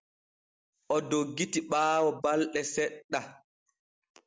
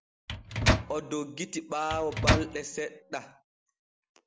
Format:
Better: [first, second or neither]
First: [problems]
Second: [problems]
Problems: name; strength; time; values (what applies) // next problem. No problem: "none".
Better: first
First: none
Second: background sound (Microwave oven); 5 dB above the speech